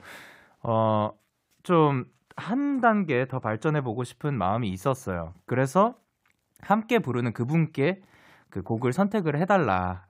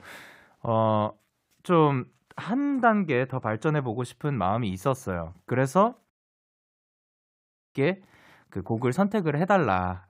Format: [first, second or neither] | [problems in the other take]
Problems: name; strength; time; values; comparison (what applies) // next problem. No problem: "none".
first | audio cutting out; at 6 s for 1.5 s